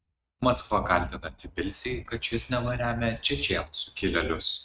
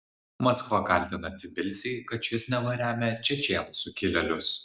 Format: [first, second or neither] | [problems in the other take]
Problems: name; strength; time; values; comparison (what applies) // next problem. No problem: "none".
second | noise reduction (neural mask model RNNoise)